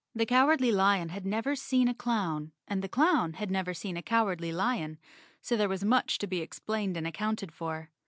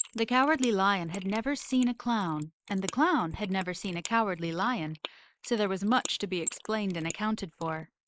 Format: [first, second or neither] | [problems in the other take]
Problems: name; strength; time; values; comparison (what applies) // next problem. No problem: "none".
first | noise reduction (neural mask model Resemble Enhance denoiser)